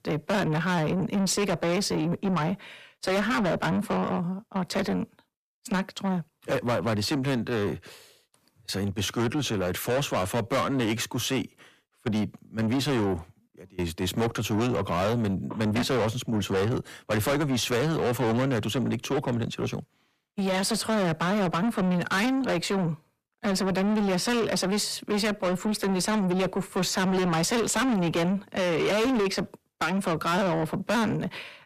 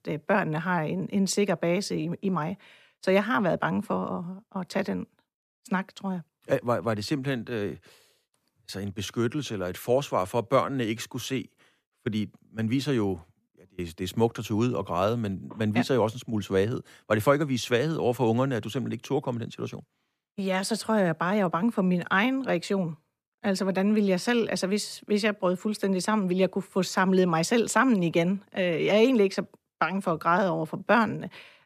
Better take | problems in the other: second | distortion; heavy; 6 dB below the speech

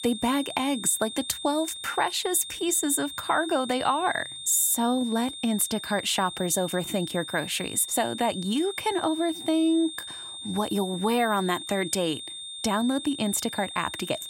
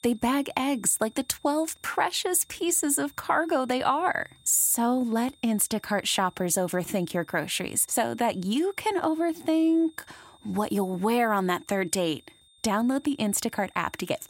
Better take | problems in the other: second | high-pitched whine; loud; throughout; 3.5 kHz, 9 dB below the speech; faint in the second

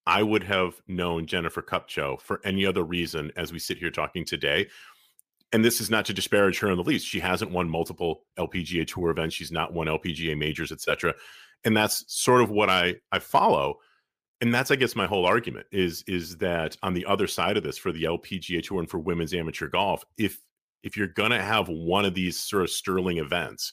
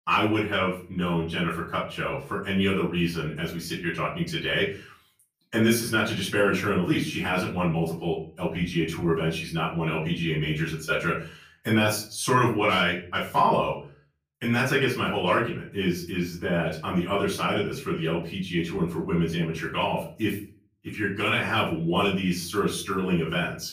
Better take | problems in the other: first | off-mic speech; far // room echo; slight; dies away in 0.4 s

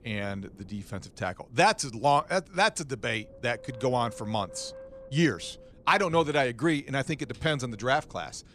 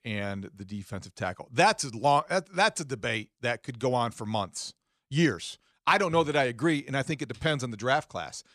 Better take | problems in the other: second | wind noise on the microphone; occasional gusts; 20 dB below the speech

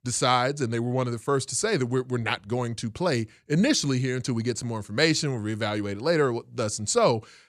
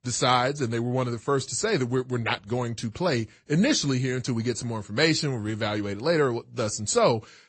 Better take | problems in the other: first | garbled, watery; slightly; nothing above 8 kHz

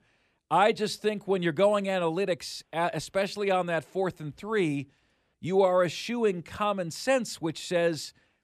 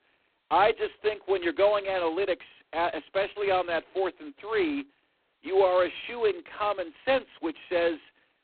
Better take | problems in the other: first | phone-call audio; poor line; nothing above 4 kHz

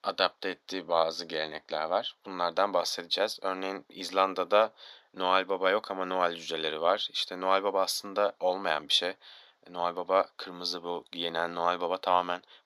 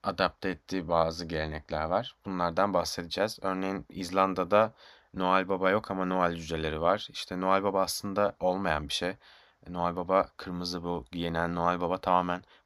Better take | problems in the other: second | thin; somewhat; fading below 400 Hz

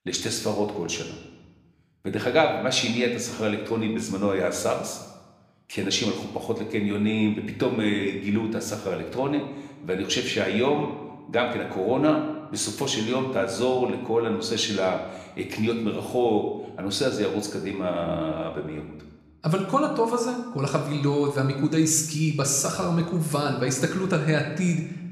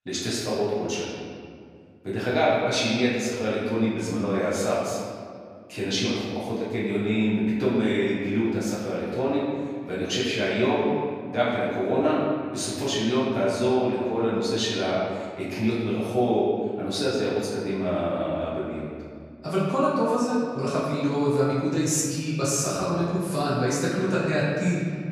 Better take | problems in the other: first | room echo; strong; dies away in 1.9 s; slight in the first // off-mic speech; far

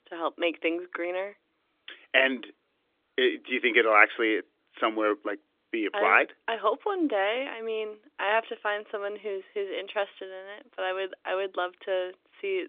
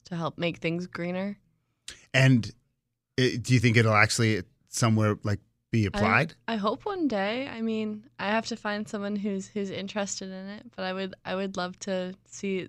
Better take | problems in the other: second | phone-call audio; nothing above 3.5 kHz

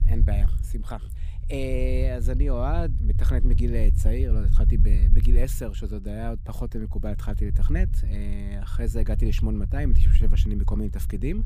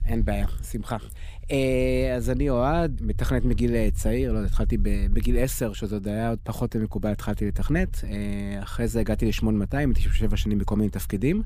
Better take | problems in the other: second | low rumble; loud; throughout; 9 dB below the speech; faint in the second

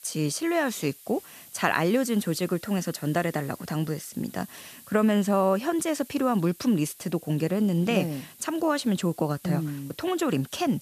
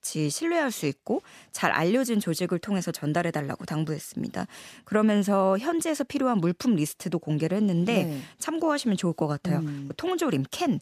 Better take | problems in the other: second | hiss; faint; throughout; 20 dB below the speech

